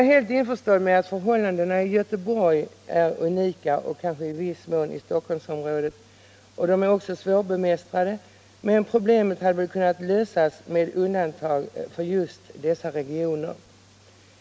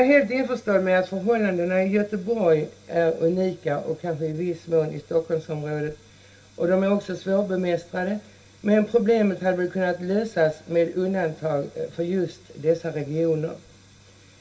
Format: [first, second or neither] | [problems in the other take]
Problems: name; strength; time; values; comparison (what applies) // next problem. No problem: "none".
first | room echo; dies away in 0.2 s